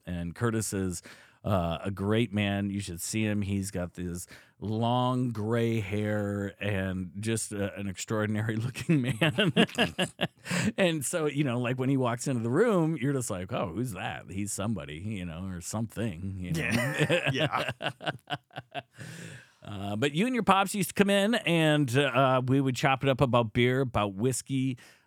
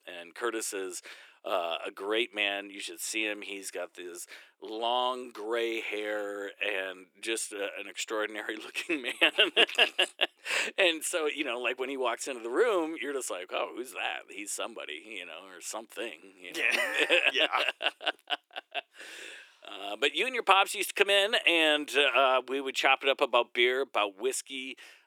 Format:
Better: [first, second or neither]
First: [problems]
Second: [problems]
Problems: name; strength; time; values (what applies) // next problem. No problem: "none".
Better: first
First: none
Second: thin; very; fading below 350 Hz